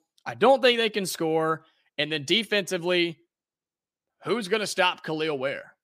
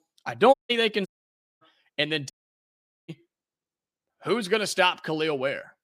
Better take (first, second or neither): first